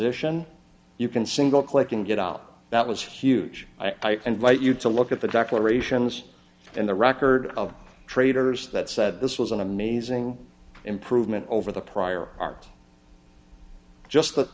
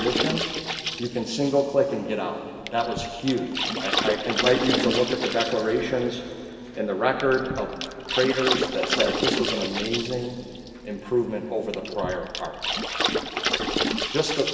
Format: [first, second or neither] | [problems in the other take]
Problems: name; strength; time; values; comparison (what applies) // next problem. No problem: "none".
first | background sound (Water / Splash, splatter); 3 dB below the speech // room echo; dies away in 2.7 s